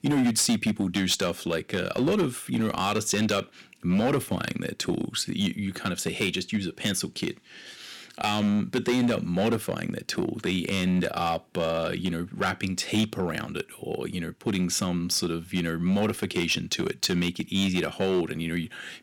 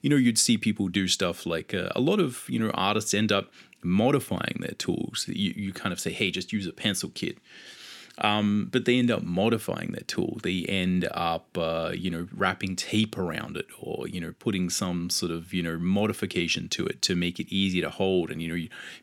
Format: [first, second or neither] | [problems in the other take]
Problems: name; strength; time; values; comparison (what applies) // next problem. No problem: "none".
second | distortion; slight; 6% of the sound clipped